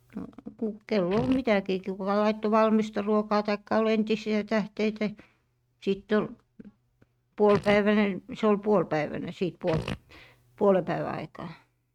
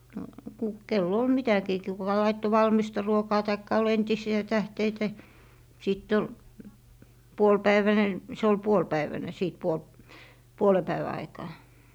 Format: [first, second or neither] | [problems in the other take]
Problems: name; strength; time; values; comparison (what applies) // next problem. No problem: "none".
second | noise reduction (neural mask model RNNoise)